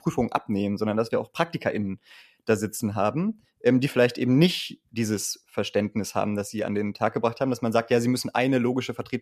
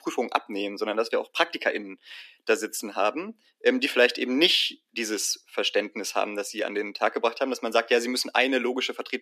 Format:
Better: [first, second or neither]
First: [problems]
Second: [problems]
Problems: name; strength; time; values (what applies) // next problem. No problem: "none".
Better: first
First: none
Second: thin; somewhat; fading below 300 Hz